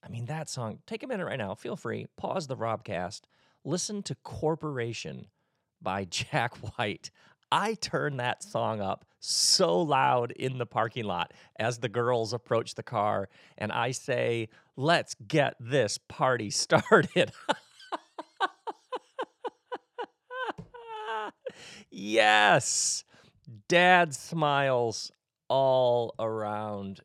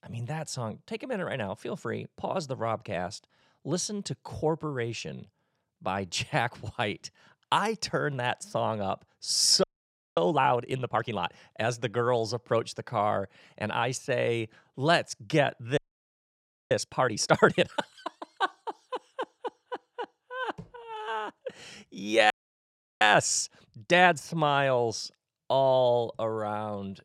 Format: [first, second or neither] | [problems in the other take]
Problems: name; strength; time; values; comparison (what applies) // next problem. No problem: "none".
first | audio freezing; at 9.5 s for 0.5 s, at 16 s for 1 s and at 22 s for 0.5 s